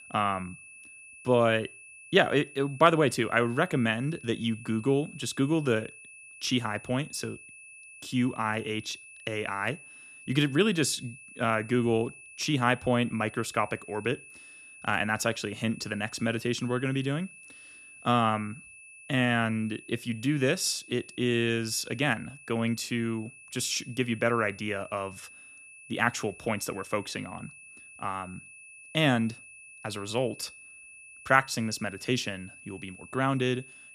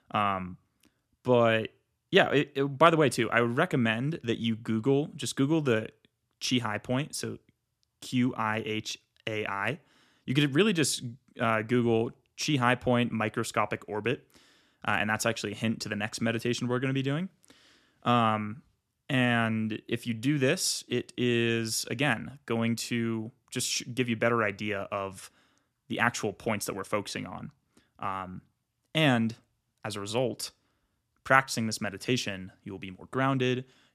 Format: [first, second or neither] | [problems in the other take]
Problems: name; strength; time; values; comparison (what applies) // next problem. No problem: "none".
second | high-pitched whine; noticeable; throughout; 2.5 kHz, 20 dB below the speech